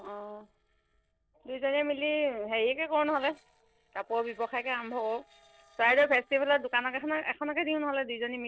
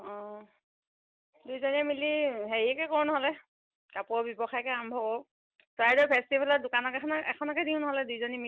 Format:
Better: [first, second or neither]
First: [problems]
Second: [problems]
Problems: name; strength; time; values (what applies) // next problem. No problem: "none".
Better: second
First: noise reduction (neural separator model SepFormer DNS4)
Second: none